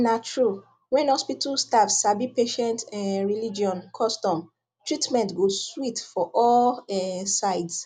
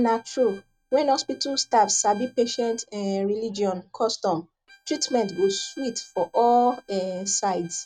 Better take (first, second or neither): first